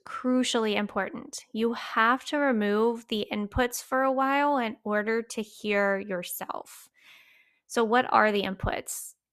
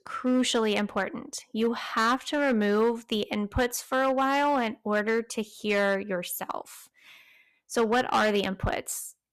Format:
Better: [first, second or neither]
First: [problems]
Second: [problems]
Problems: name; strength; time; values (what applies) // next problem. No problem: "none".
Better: first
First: none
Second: distortion; slight; 4% of the sound clipped